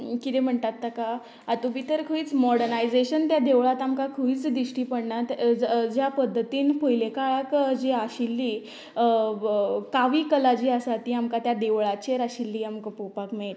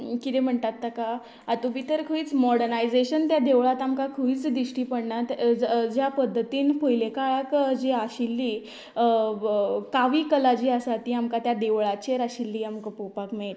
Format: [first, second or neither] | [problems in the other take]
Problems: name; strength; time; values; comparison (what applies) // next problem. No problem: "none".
first | noise reduction (neural mask model Resemble Enhance denoiser)